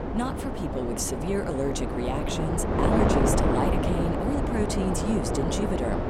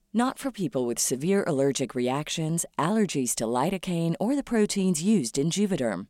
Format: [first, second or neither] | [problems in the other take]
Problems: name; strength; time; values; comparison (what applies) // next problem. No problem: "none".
second | wind noise on the microphone; heavy; 3 dB above the speech